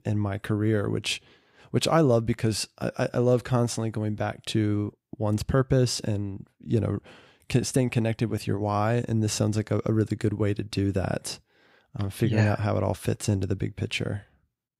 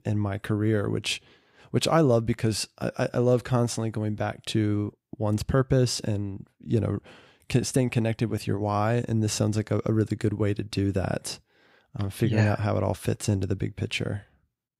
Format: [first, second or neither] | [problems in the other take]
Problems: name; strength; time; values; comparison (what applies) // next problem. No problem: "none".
neither | none